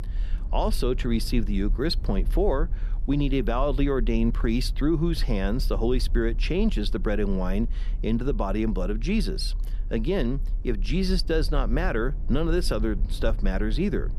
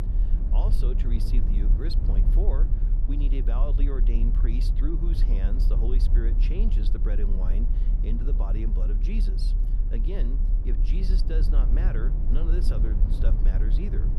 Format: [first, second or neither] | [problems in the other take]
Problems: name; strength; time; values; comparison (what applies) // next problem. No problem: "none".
first | low rumble; loud; throughout; 4 dB below the speech; faint in the first